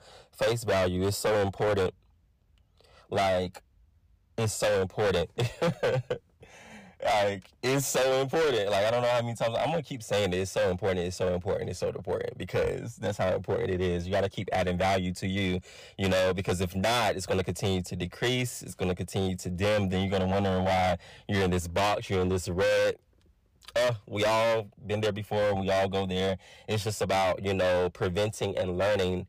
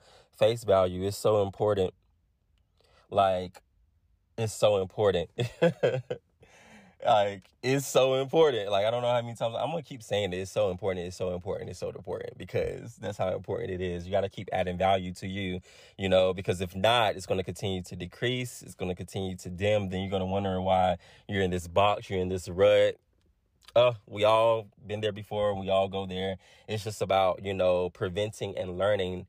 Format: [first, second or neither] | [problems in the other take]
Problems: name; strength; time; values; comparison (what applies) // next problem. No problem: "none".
second | distortion; heavy; 17% of the sound clipped